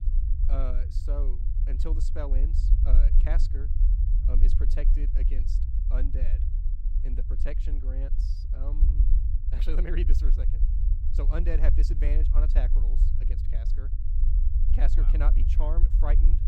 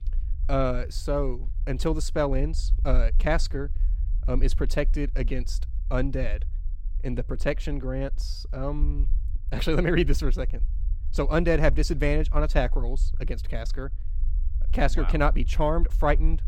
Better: second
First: low rumble; loud; throughout; 6 dB below the speech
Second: low rumble; faint; throughout; 25 dB below the speech

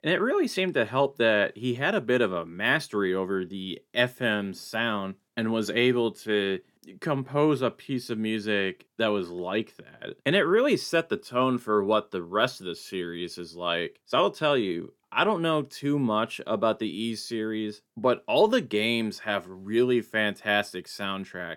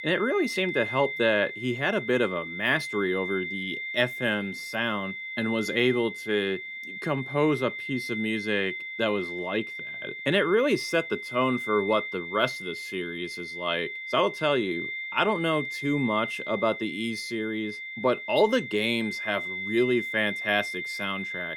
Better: first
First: none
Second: high-pitched whine; loud; throughout; 2 kHz, 6 dB below the speech

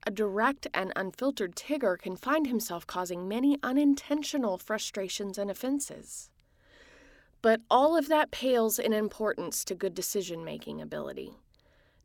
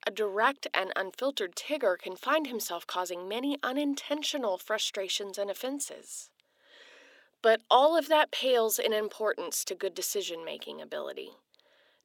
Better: first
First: none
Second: thin; somewhat; fading below 500 Hz

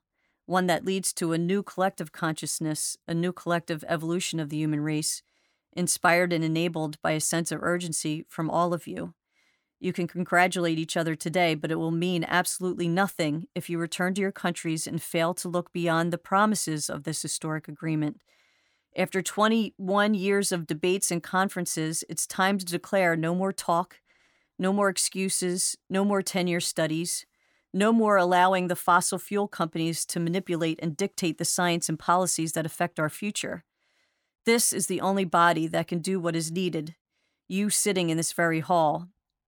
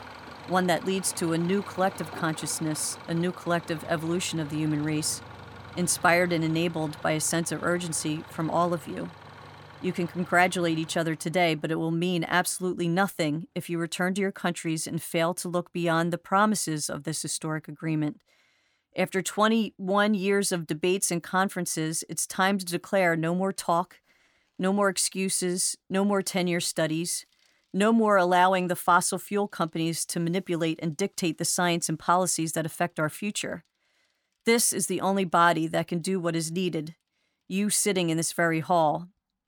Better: first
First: none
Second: traffic noise; noticeable; throughout; 20 dB below the speech

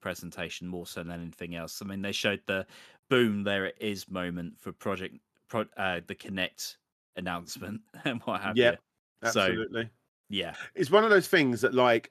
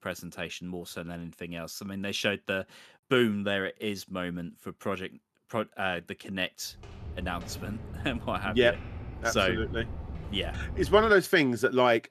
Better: first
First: none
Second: footsteps; noticeable; from 7 to 11 s; peak 8 dB below the speech

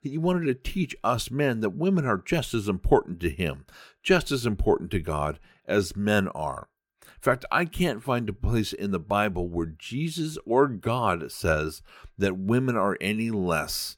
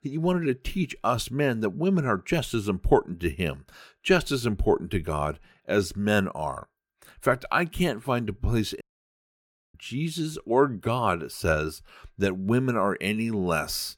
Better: first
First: none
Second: audio cutting out; at 9 s for 1 s

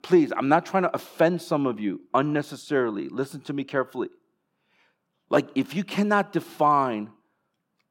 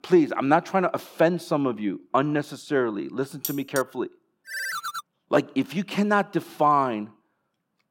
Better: first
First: none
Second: clattering dishes; noticeable; at 3.5 s; peak 7 dB below the speech // phone ringing; noticeable; at 4.5 s; peak 4 dB below the speech

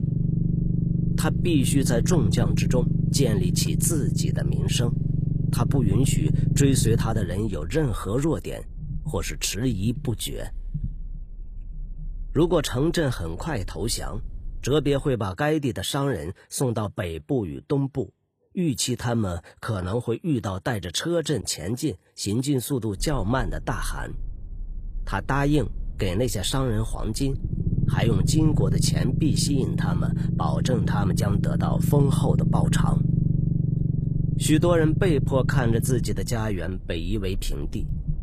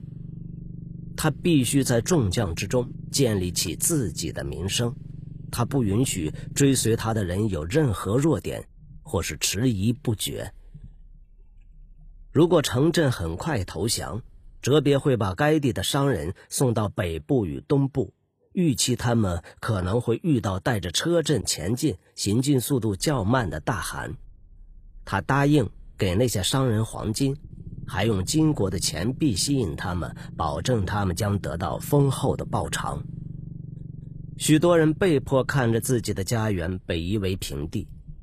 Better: second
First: low rumble; loud; until 15 s and from 23 s on; 6 dB below the speech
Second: low rumble; faint; until 15 s and from 23 s on; 20 dB below the speech

